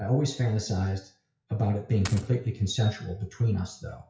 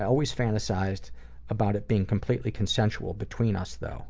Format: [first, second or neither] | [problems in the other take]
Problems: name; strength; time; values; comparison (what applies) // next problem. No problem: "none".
second | noise reduction (classical method WPE with log-MMSE)